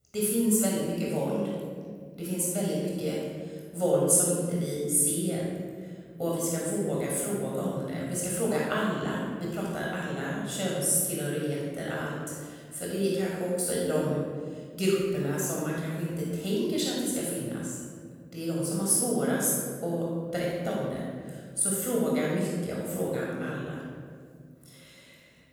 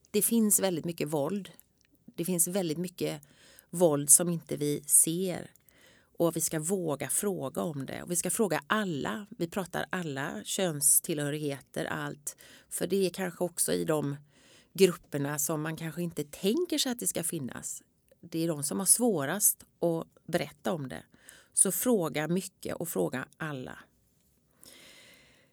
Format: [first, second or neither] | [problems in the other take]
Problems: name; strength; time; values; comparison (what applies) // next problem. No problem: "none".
second | off-mic speech; far // room echo; strong; dies away in 2 s